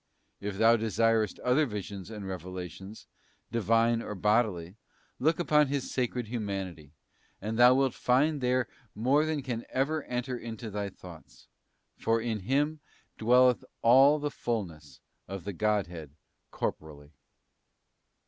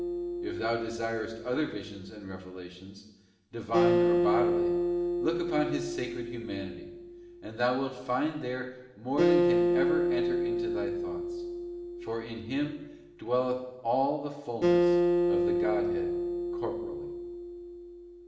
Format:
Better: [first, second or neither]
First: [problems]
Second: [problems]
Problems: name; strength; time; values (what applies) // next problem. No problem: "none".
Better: first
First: none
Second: background sound (Acoustic guitar); 4 dB above the speech // room echo; dies away in 1 s